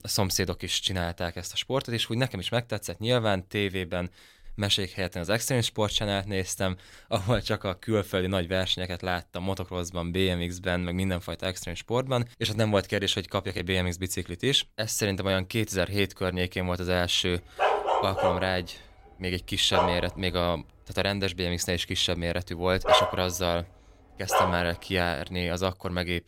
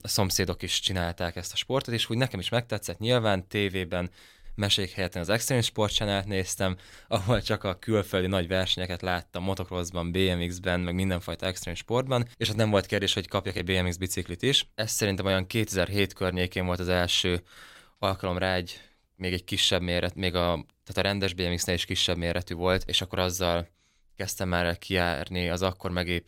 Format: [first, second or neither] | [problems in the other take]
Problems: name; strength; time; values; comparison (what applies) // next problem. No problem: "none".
second | dog barking; loud; from 18 to 25 s; peak 5 dB above the speech